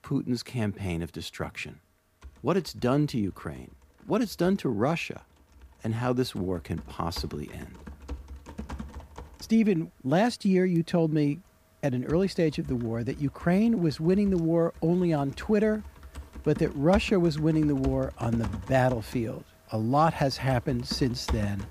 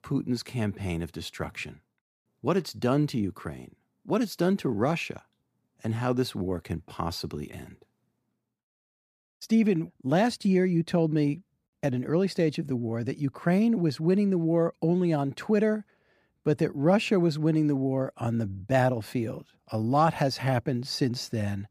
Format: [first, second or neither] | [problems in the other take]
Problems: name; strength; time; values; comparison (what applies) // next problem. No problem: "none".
second | household noises; noticeable; throughout; 15 dB below the speech